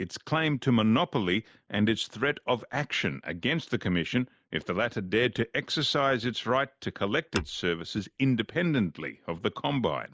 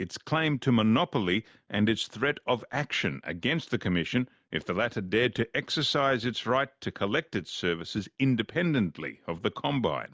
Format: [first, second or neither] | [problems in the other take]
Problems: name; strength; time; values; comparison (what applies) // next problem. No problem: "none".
second | noise reduction (neural mask model Resemble Enhance denoiser)